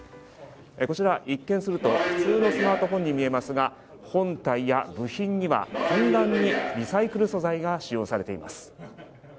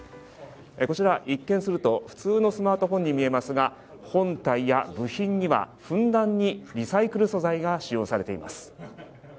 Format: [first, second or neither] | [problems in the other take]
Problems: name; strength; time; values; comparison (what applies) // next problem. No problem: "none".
second | background sound (Subway, metro, underground); 2 dB below the speech